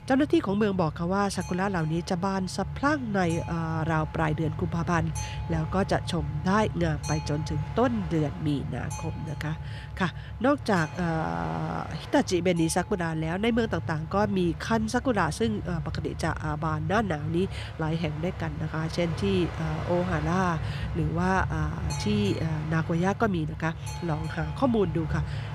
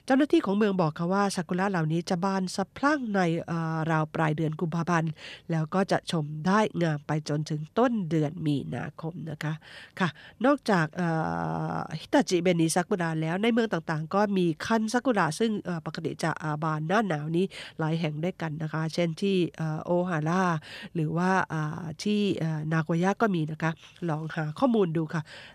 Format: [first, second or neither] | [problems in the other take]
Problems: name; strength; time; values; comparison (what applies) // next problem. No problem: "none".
second | train or aircraft noise; loud; throughout; 8 dB below the speech